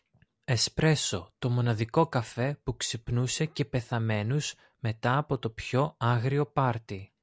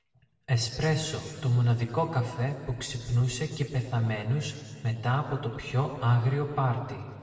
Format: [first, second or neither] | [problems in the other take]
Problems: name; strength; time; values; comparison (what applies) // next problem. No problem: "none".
first | room echo; dies away in 2.1 s